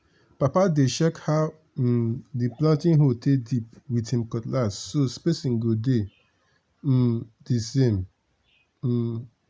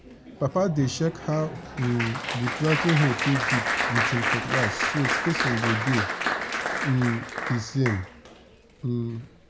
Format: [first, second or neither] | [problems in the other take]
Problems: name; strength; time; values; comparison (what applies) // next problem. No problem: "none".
first | background sound (Applause); 2 dB below the speech